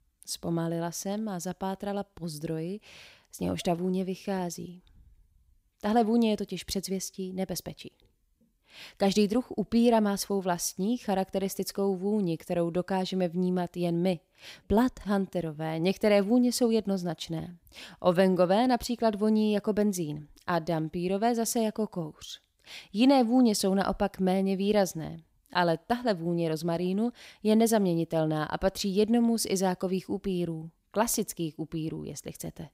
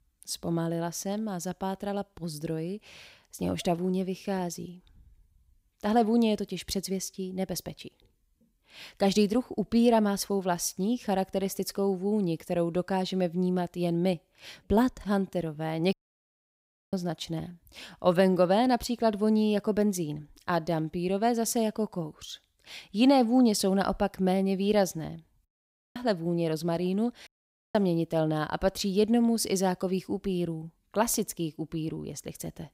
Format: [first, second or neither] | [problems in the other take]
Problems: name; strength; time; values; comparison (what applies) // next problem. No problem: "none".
first | audio cutting out; at 16 s for 1 s, at 25 s for 0.5 s and at 27 s